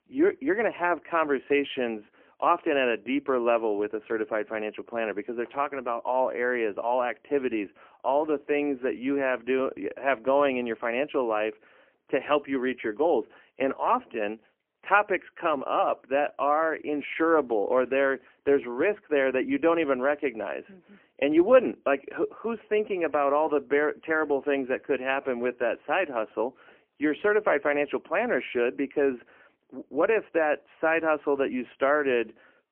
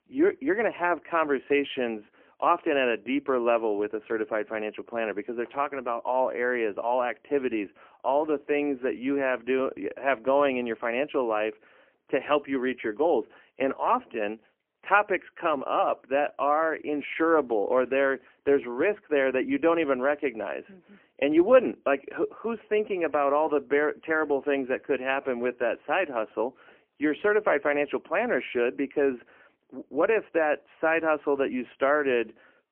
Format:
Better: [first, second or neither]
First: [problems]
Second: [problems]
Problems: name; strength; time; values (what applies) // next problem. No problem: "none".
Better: neither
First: phone-call audio; poor line; nothing above 3 kHz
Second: phone-call audio; poor line; nothing above 3 kHz